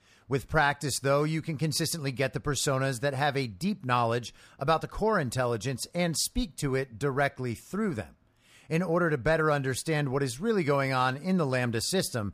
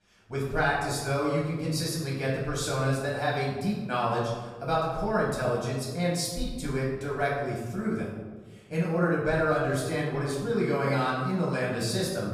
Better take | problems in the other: first | room echo; noticeable; dies away in 1.1 s // off-mic speech; far

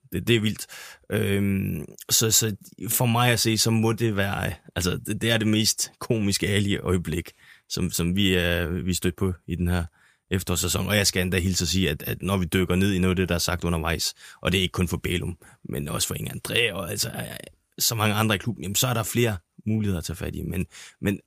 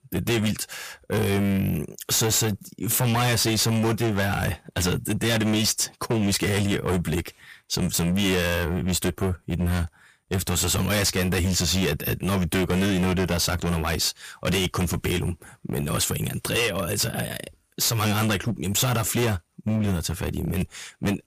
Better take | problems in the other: first | distortion; heavy; 18% of the sound clipped

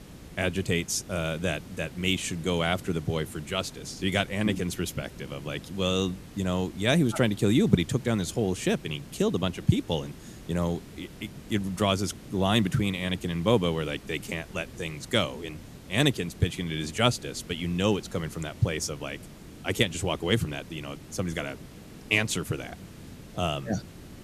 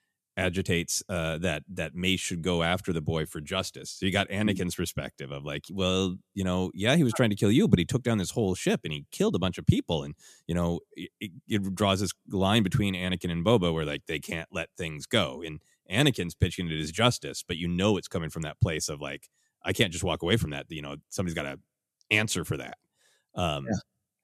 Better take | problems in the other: second | hiss; noticeable; throughout; 15 dB below the speech

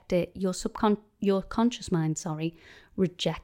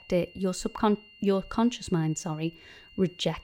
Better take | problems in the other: first | high-pitched whine; faint; throughout; 3 kHz, 25 dB below the speech

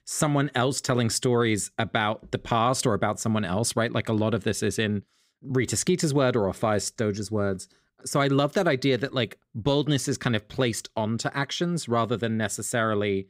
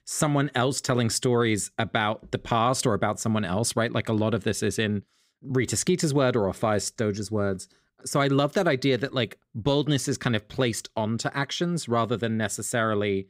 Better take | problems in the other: neither | none

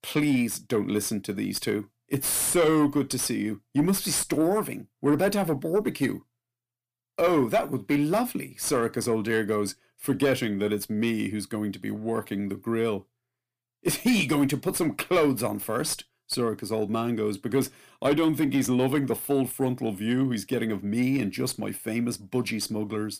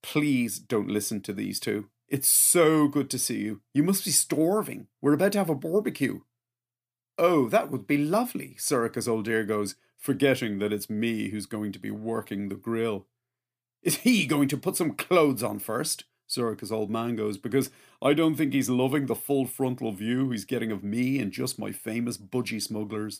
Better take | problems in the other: second | distortion; slight; 10 dB below the speech

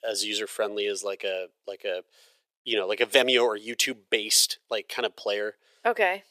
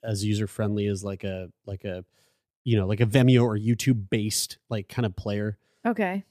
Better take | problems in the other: second | thin; very; fading below 450 Hz

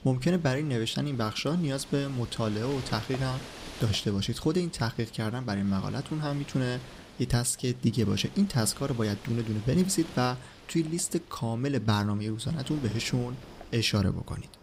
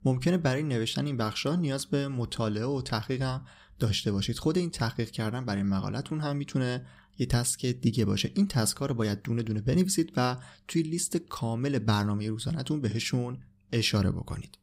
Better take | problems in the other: second | wind noise on the microphone; occasional gusts; 15 dB below the speech

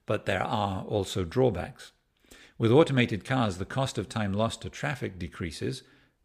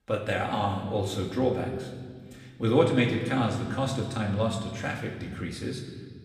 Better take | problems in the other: first | room echo; slight; dies away in 1.4 s // off-mic speech; somewhat distant

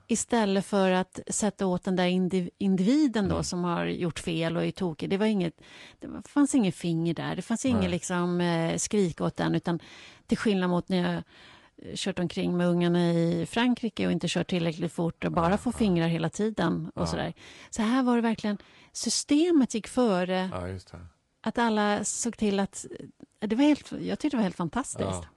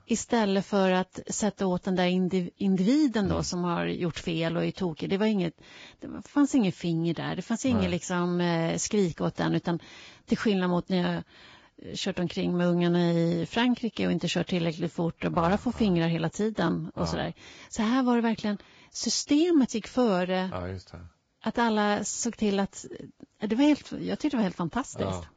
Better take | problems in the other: first | garbled, watery; badly; nothing above 7.5 kHz; slightly in the first

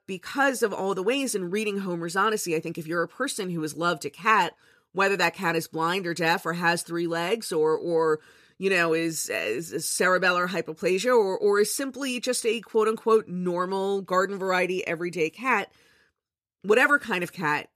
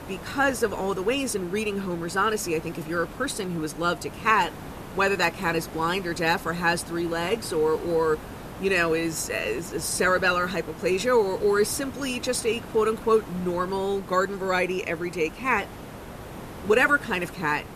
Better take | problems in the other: first | hiss; noticeable; throughout; 15 dB below the speech

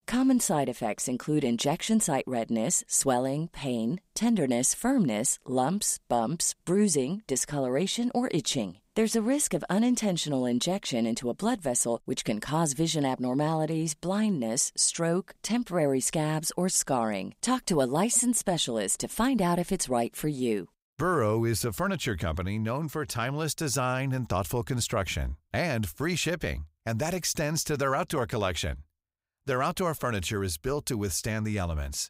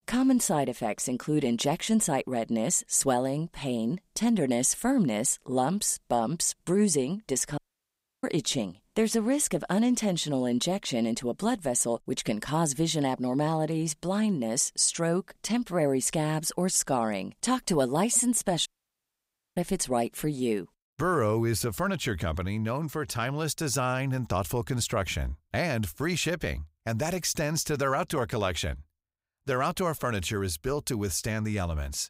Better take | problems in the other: first | audio cutting out; at 7.5 s for 0.5 s and at 19 s for 1 s

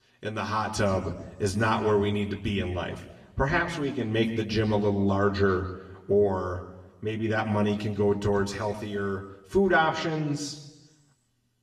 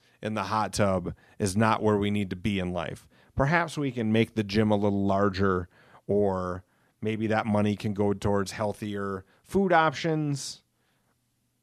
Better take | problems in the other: second | room echo; slight; dies away in 1.1 s // off-mic speech; somewhat distant

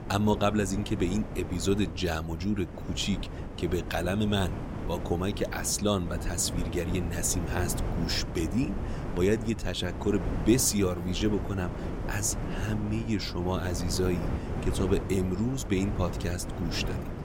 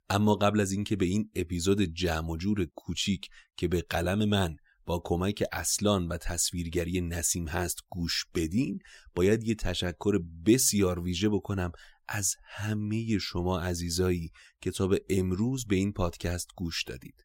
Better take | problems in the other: second | wind noise on the microphone; heavy; 9 dB below the speech

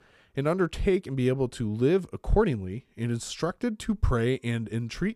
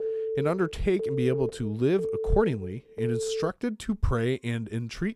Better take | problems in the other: first | phone ringing; noticeable; until 3.5 s; peak 2 dB below the speech

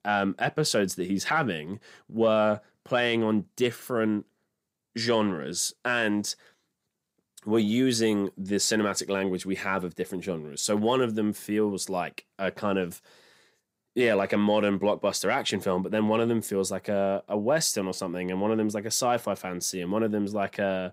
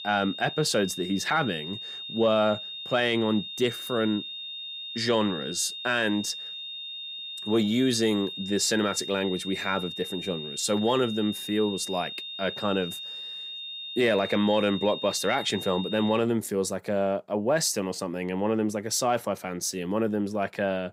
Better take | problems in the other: first | high-pitched whine; loud; until 16 s; 3.5 kHz, 8 dB below the speech

